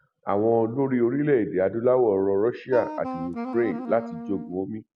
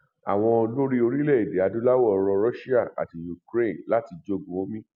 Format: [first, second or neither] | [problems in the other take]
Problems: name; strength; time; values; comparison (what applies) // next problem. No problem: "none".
second | background sound (Wind instrument, woodwind instrument); 9 dB below the speech